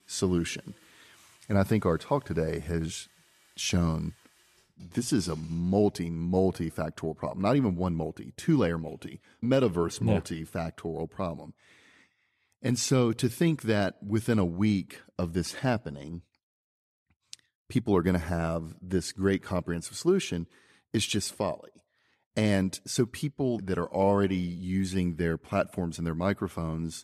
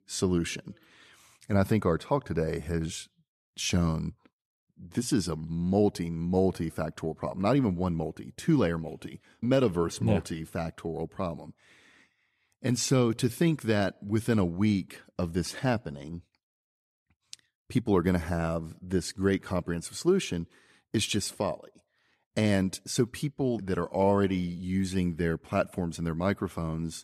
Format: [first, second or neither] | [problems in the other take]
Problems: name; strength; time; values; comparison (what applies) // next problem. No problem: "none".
second | household noises; faint; until 5.5 s; 30 dB below the speech